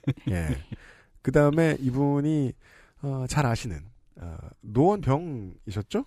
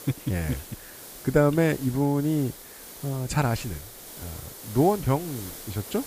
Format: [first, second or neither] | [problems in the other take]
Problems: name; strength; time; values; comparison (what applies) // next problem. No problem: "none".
first | hiss; noticeable; throughout; 15 dB below the speech